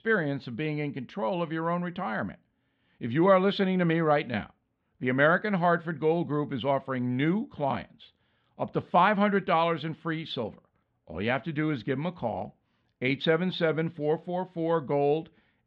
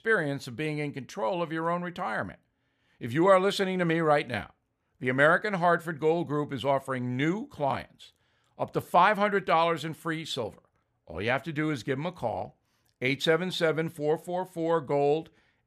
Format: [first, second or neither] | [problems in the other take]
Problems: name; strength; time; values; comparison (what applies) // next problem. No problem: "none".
second | muffled; very slightly; fading above 3.5 kHz